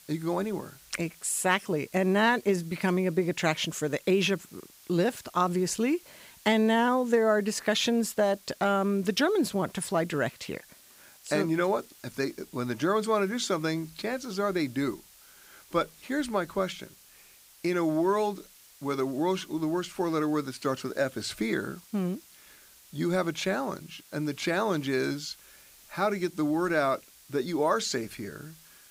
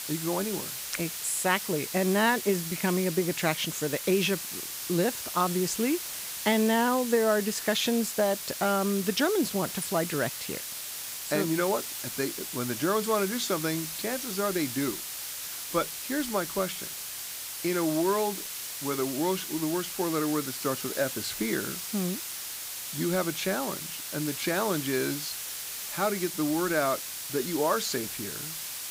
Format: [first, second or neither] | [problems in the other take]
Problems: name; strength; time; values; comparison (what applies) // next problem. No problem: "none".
first | hiss; loud; throughout; 5 dB below the speech; faint in the first